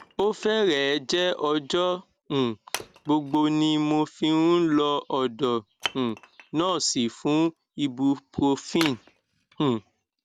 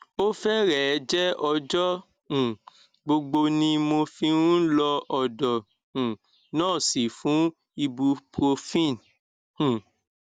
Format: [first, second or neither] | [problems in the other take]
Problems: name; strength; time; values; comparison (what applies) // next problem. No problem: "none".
second | background sound (Wood); 18 dB below the speech